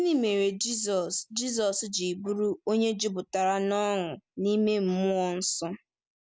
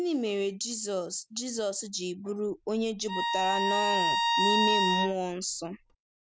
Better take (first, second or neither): first